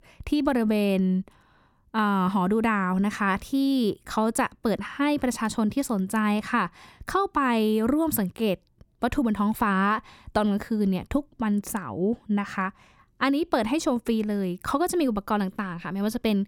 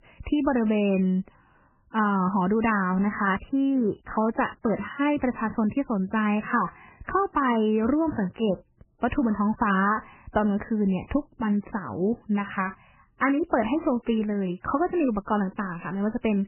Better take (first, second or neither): first